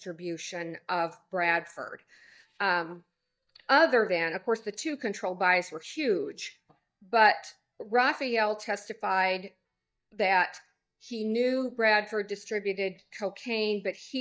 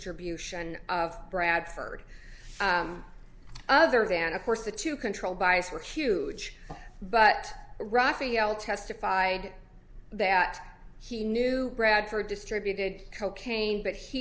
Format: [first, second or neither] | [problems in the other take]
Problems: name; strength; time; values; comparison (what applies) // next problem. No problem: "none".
second | noise reduction (neural mask model DeepFilterNet 3)